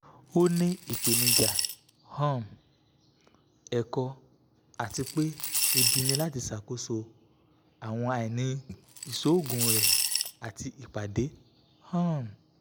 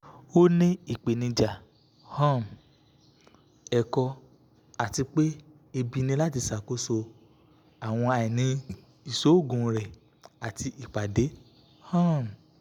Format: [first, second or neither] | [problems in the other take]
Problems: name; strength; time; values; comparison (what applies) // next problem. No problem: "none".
second | background sound (Coin (dropping) / Glass); 3 dB above the speech